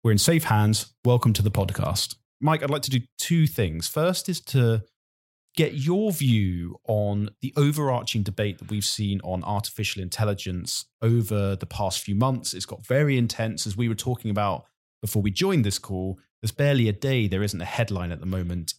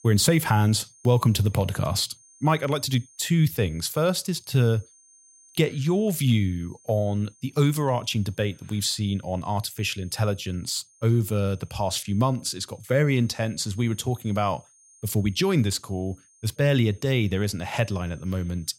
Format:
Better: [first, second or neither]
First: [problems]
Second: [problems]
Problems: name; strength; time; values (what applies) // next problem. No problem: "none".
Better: first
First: none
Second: high-pitched whine; faint; throughout; 6.5 kHz, 30 dB below the speech